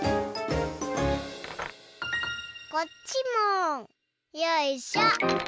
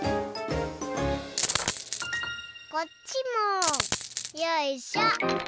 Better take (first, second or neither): first